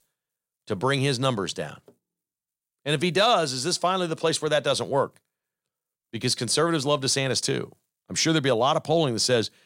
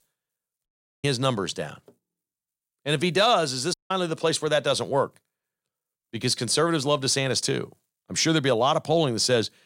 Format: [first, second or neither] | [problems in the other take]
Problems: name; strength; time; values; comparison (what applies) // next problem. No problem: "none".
first | audio cutting out; at 0.5 s and at 3.5 s